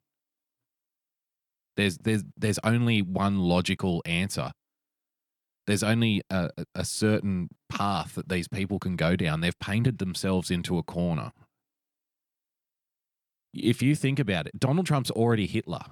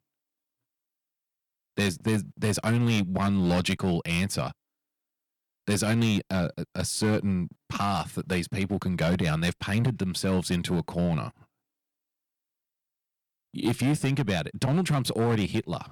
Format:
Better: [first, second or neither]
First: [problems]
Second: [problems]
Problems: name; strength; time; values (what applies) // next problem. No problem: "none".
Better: first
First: none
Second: distortion; slight; 5% of the sound clipped